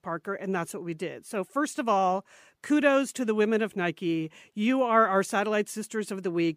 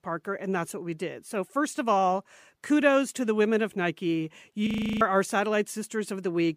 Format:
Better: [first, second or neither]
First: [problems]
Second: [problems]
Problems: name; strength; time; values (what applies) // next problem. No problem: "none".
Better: first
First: none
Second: audio freezing; at 4.5 s